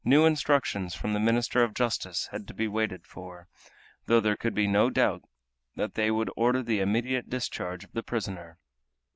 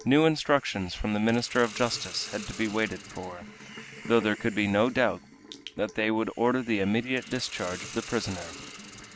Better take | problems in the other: first | background sound (Hiss); 16 dB below the speech

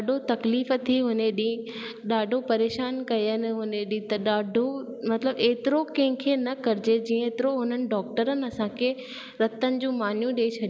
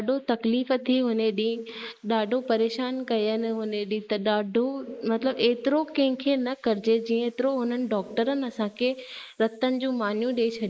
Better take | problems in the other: first | noise reduction (neural mask model Resemble Enhance denoiser)

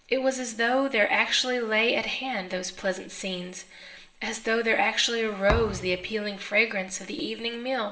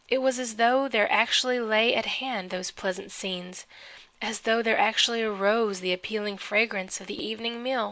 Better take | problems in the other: second | background sound (Thump, thud); 6 dB below the speech // room echo; dies away in 1.3 s

